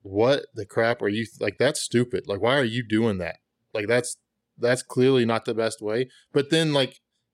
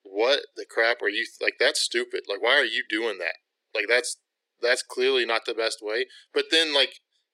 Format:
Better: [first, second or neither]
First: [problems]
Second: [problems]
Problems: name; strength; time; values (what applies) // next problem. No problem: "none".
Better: first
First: none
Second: thin; very; fading below 350 Hz